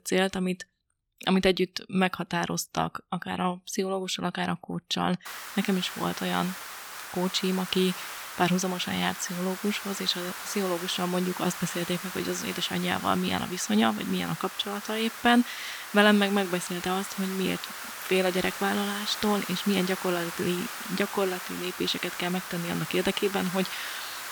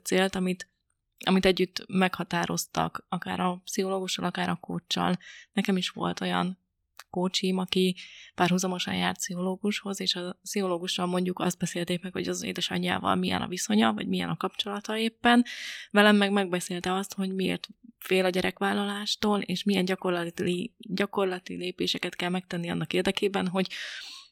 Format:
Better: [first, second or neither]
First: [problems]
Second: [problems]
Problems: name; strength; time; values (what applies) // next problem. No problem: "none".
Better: second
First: hiss; loud; from 5.5 s on; 8 dB below the speech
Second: none